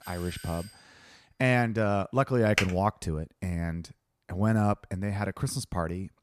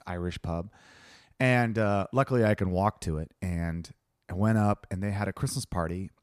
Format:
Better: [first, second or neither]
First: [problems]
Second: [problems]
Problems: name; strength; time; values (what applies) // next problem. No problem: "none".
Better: second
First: doorbell; faint; at the start; peak 15 dB below the speech // keyboard typing; noticeable; at 2.5 s; peak 1 dB below the speech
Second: none